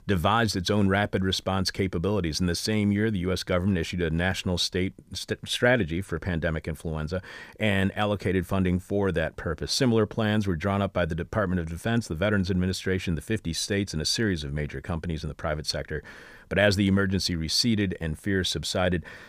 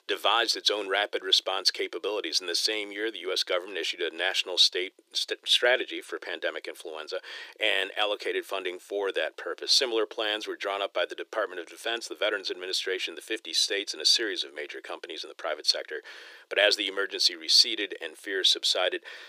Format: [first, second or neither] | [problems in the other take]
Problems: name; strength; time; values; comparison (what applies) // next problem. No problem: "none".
first | thin; very; fading below 350 Hz